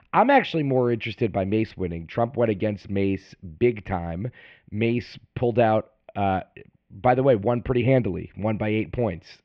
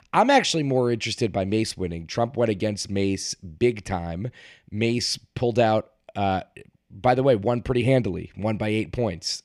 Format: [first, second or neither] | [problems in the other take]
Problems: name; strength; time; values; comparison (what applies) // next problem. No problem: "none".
second | muffled; very; fading above 3 kHz